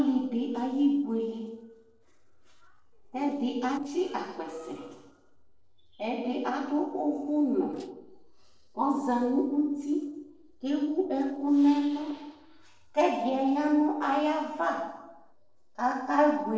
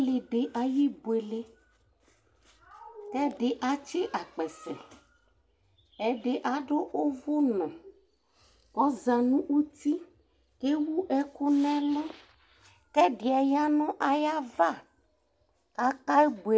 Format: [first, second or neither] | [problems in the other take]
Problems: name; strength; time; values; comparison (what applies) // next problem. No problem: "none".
second | noise reduction (neural separator model SepFormer DNS4)